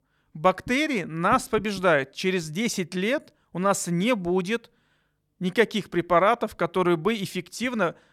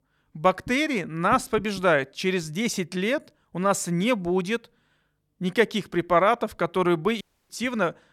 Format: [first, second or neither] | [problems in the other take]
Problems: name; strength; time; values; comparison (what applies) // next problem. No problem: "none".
first | audio cutting out; at 7 s